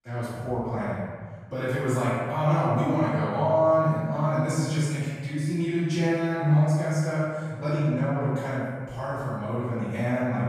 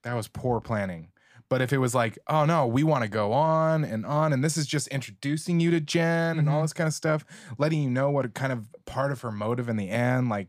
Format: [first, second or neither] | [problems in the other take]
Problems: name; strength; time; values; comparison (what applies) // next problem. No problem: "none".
second | room echo; strong; dies away in 1.5 s // off-mic speech; far